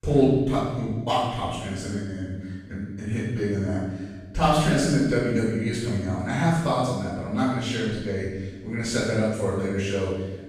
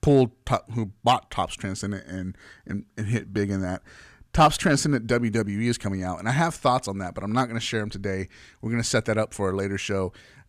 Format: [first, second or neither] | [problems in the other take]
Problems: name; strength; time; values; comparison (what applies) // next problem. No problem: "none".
second | room echo; strong; dies away in 1.2 s // off-mic speech; far